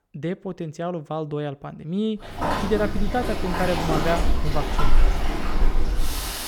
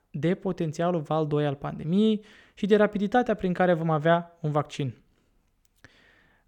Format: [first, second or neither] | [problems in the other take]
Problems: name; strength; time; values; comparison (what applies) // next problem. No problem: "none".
second | rain or running water; very loud; from 2.5 s on; 2 dB above the speech